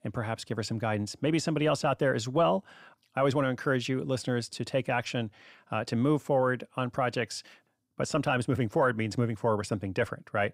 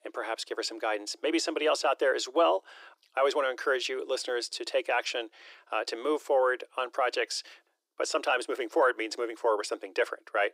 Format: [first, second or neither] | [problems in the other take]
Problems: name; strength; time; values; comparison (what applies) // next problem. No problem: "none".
first | thin; very; fading below 350 Hz